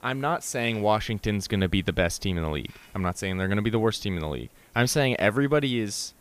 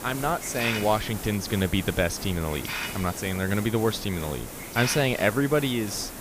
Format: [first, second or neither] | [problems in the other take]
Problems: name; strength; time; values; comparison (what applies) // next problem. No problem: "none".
first | hiss; loud; throughout; 8 dB below the speech; faint in the first